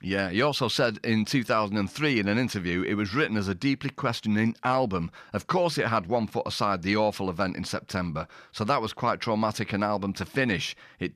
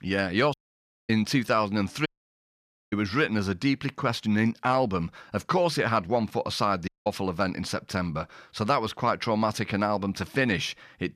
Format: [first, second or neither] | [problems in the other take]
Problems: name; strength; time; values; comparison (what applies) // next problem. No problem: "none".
first | audio cutting out; at 0.5 s for 0.5 s, at 2 s for 1 s and at 7 s